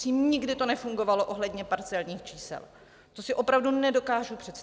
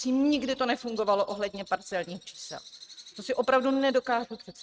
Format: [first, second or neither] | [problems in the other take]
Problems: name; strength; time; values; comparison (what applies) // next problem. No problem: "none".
first | noise reduction (neural mask model RNNoise)